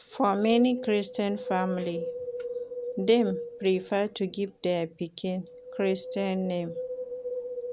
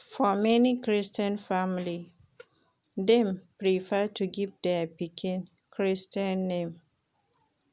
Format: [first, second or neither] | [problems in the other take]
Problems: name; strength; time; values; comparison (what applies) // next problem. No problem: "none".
second | background sound (Wind); 9 dB below the speech